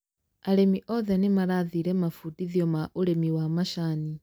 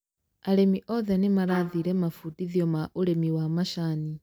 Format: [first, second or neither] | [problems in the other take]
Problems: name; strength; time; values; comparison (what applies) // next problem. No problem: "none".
first | background sound (Trumpet); 14 dB below the speech